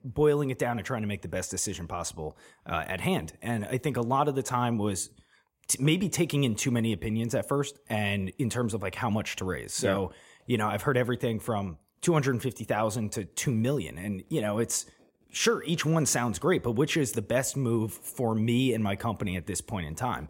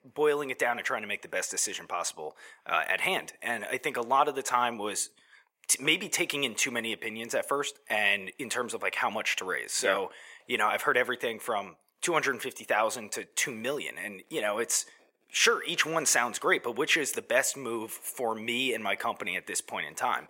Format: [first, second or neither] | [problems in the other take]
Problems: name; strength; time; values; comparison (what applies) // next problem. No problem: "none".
first | thin; very; fading below 500 Hz